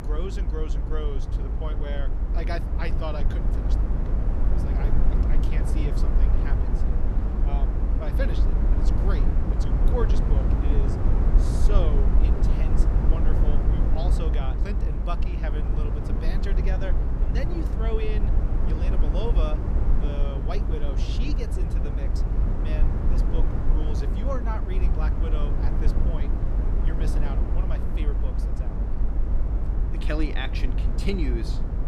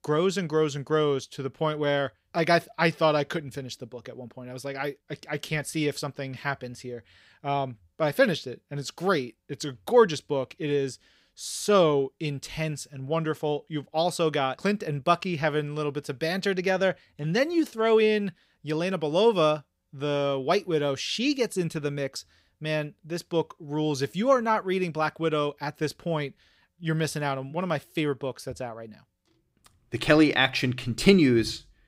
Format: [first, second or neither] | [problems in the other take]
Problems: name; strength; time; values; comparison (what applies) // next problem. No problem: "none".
second | low rumble; loud; throughout; 1 dB below the speech